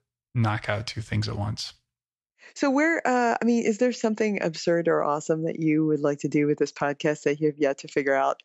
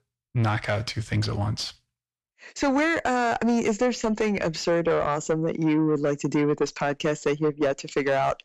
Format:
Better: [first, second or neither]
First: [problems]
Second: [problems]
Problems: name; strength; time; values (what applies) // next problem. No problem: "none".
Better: first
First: none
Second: distortion; slight; 9 dB below the speech